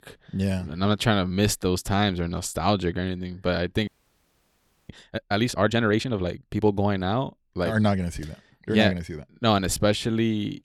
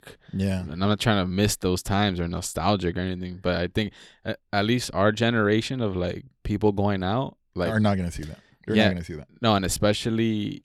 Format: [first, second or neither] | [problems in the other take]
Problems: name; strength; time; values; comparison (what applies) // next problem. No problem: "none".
second | audio freezing; at 4 s for 1 s